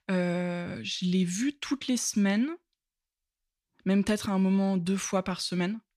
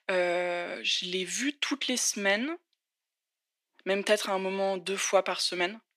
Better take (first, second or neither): first